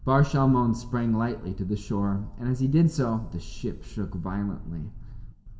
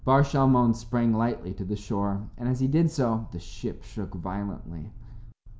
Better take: second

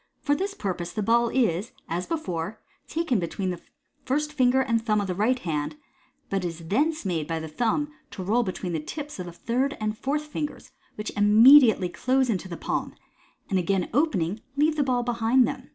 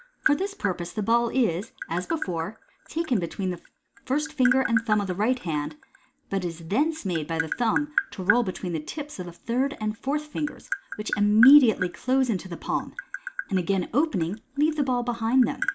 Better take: first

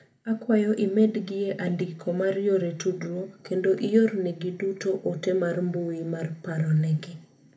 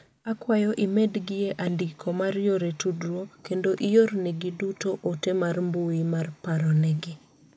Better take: second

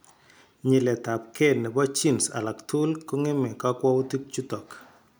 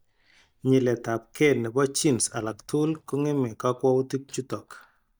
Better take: first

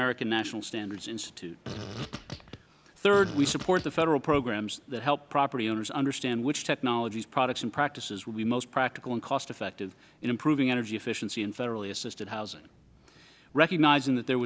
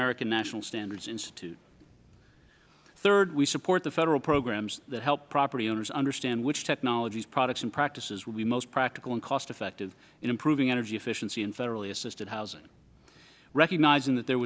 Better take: second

